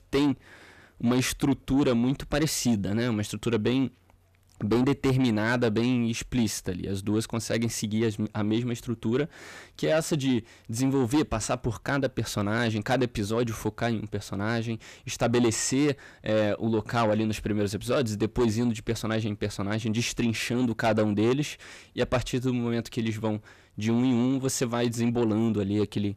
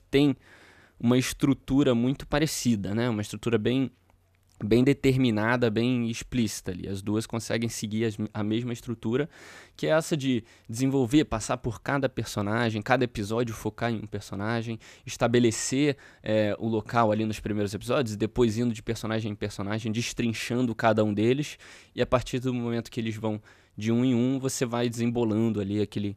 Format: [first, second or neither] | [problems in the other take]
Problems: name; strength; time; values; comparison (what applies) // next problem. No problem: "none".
second | distortion; slight; 10 dB below the speech